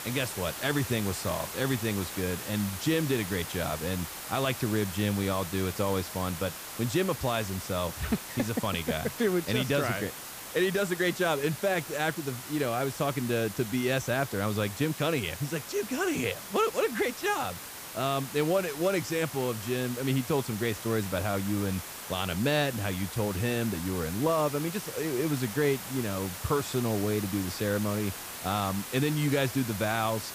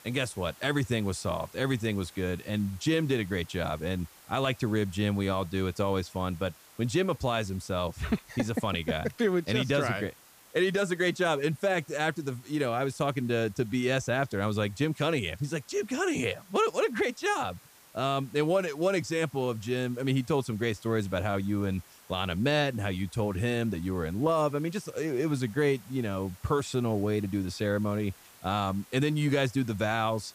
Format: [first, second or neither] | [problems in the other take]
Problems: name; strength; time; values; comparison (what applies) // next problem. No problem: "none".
second | hiss; loud; throughout; 8 dB below the speech; faint in the second